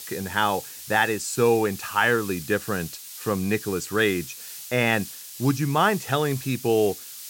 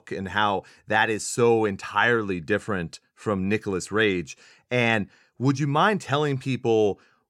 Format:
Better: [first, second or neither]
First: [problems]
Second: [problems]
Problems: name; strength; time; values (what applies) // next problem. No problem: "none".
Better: second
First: hiss; noticeable; throughout; 10 dB below the speech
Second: none